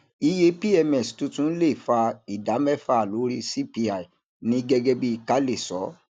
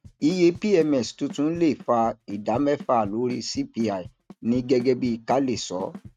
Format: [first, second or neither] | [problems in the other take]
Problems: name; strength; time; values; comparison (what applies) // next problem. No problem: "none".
first | noise reduction (neural mask model RNNoise)